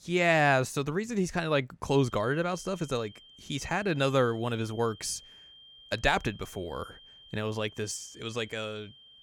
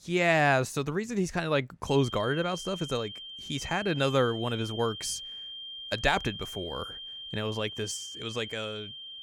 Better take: first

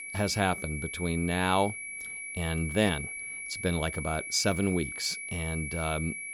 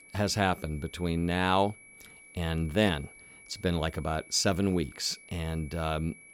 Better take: second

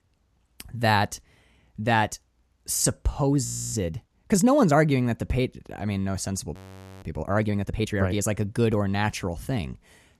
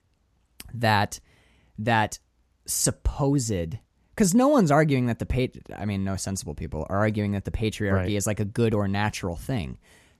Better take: second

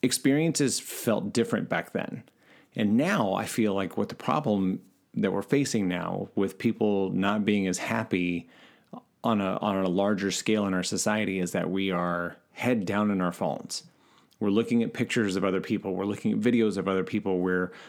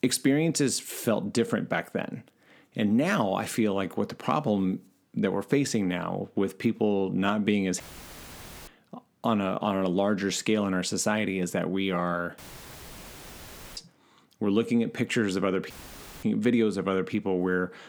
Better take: first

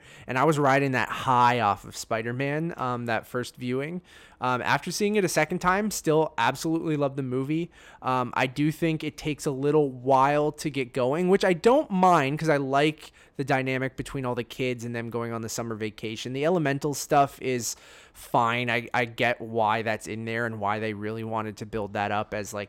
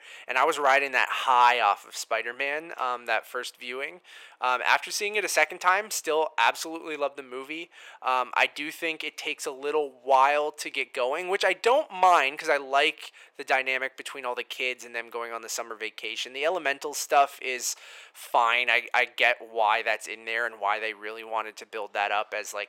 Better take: first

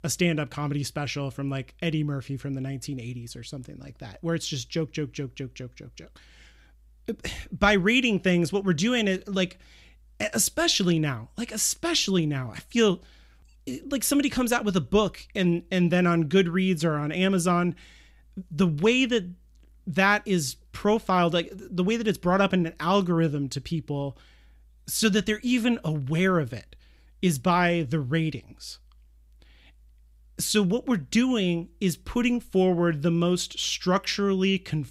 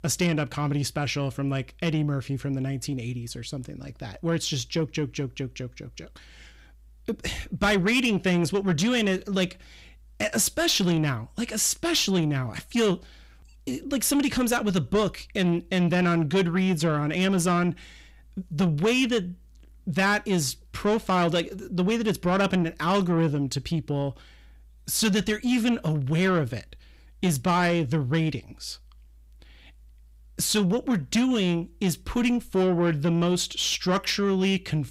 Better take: first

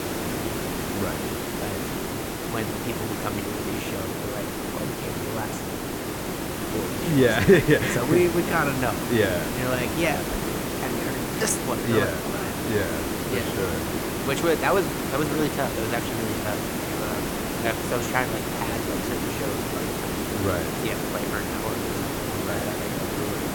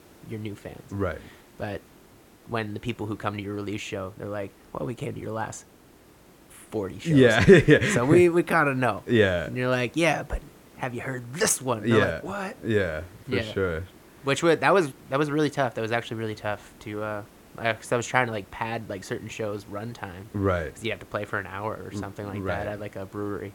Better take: second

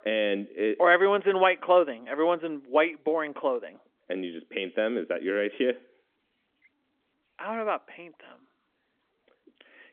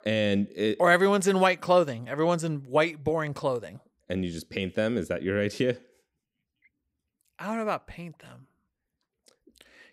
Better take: second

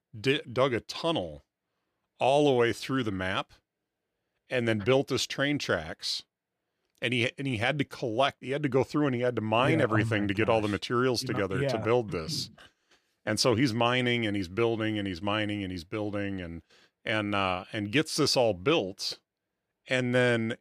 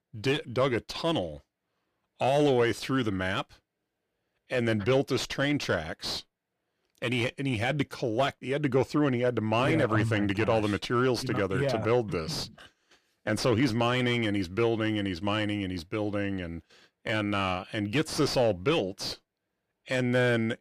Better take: first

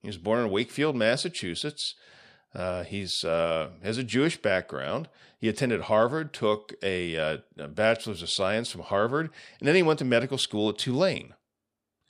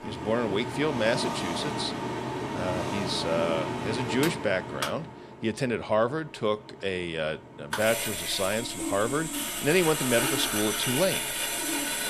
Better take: first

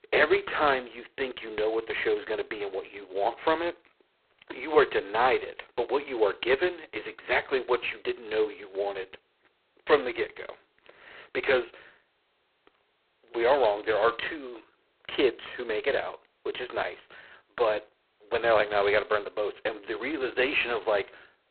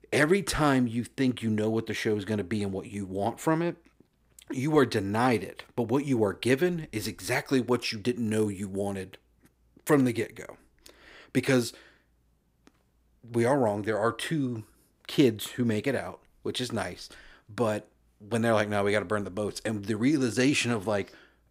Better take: second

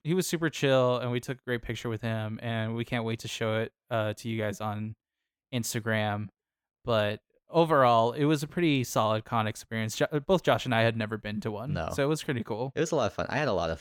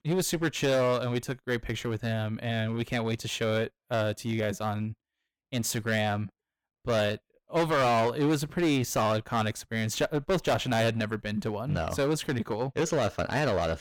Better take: first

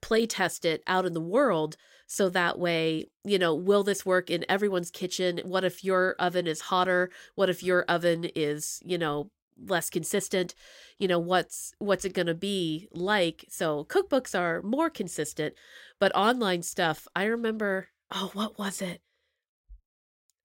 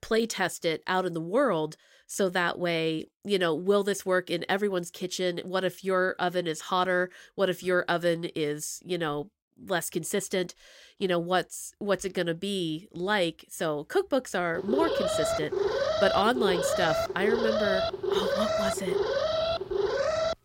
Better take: first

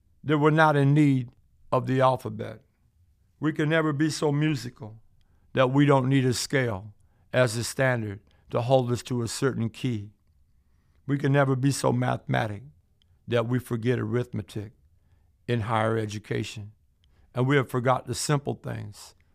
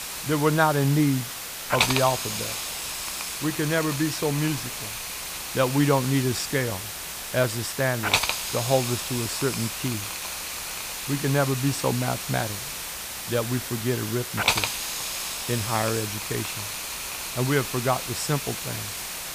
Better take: first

